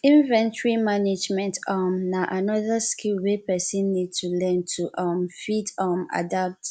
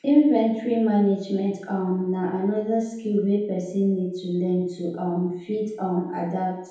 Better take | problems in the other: first | room echo; dies away in 1.9 s

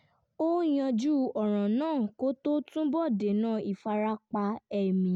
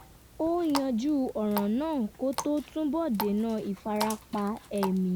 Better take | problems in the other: first | background sound (Water tap, faucet); 12 dB below the speech

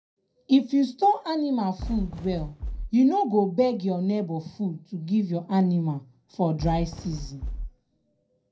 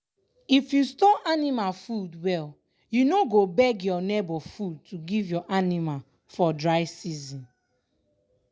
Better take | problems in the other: second | background sound (Fireworks); 9 dB below the speech // room echo; dies away in 0.2 s

